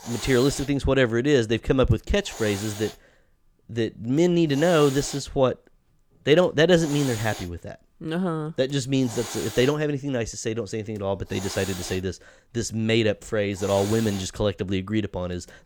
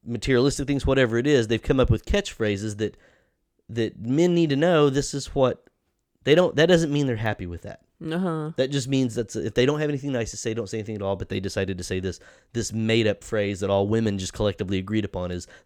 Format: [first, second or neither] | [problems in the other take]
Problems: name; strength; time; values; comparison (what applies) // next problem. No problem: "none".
second | hiss; noticeable; throughout; 15 dB below the speech